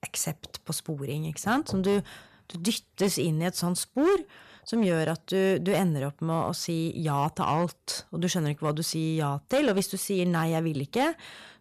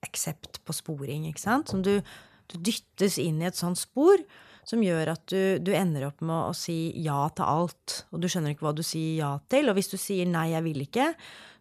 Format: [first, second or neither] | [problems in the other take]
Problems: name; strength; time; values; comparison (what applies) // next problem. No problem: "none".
second | distortion; slight; 4% of the sound clipped